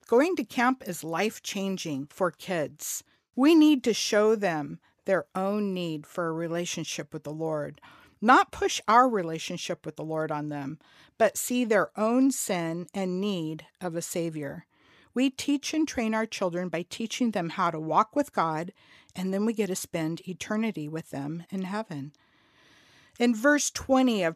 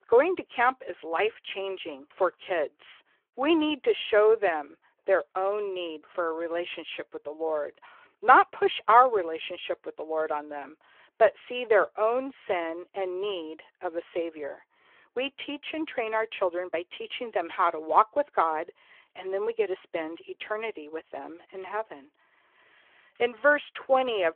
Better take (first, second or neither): first